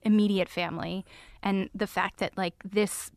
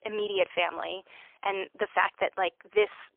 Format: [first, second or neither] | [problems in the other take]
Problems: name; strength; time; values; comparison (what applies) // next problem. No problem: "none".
first | phone-call audio; poor line; nothing above 3.5 kHz